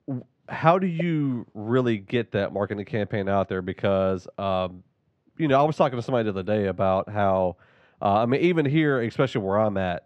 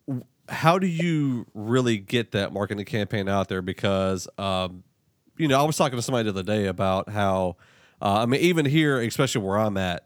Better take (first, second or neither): second